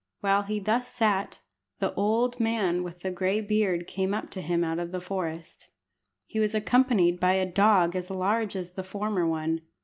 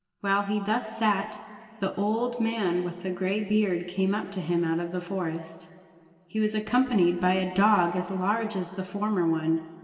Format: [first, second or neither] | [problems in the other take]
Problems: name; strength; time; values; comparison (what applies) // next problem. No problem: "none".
first | room echo; dies away in 2.6 s